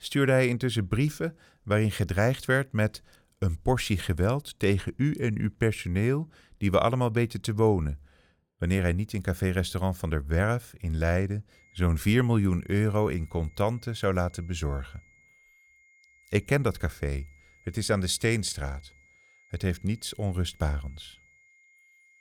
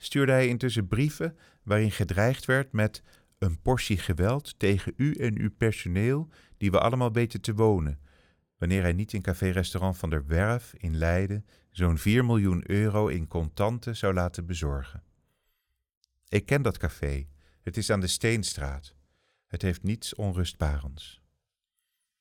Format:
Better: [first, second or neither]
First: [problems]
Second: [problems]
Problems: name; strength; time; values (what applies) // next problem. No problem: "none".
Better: second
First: high-pitched whine; faint; from 12 s on; 2 kHz, 30 dB below the speech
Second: none